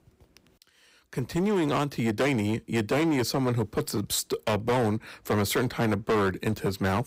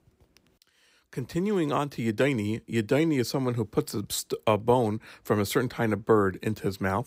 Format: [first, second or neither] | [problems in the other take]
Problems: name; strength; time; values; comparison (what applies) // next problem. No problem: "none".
second | distortion; heavy; 13% of the sound clipped